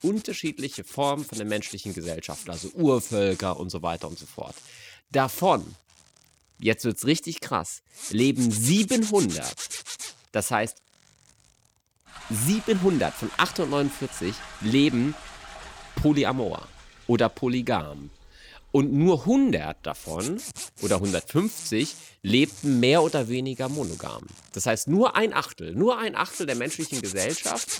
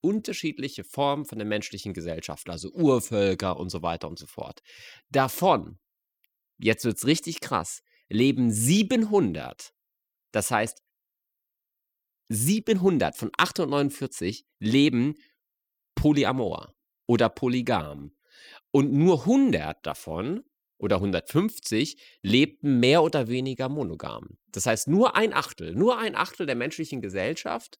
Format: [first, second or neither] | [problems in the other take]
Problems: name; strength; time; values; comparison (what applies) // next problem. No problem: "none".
second | household noises; noticeable; throughout; 10 dB below the speech